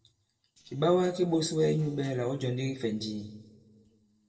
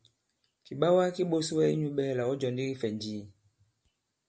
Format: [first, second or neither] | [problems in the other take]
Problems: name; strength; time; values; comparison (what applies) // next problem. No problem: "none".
second | noise reduction (neural separator model SepFormer DNS4)